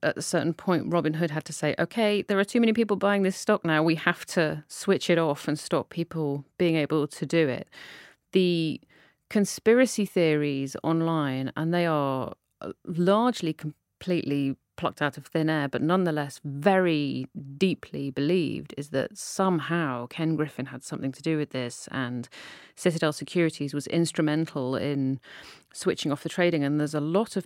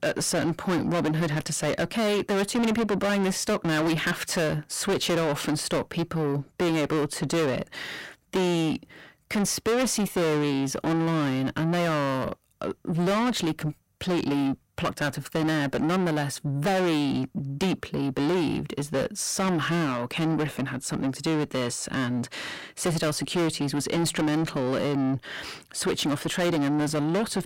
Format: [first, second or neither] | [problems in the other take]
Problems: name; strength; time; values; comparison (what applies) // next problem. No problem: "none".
first | distortion; heavy; 5 dB below the speech